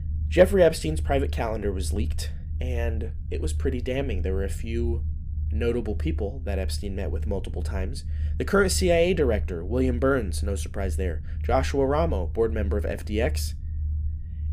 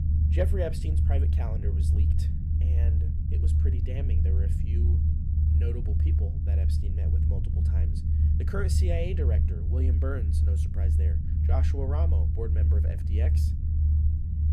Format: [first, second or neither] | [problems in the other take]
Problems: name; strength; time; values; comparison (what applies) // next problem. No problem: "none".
first | low rumble; loud; throughout; 2 dB below the speech; faint in the first